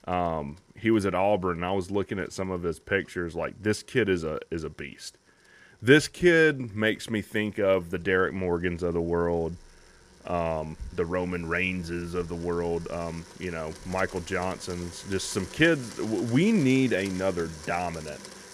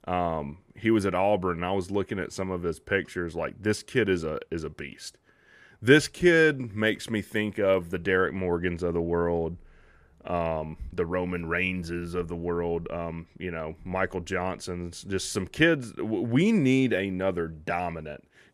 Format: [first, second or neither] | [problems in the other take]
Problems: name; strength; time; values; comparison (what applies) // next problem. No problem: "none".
second | household noises; noticeable; throughout; 20 dB below the speech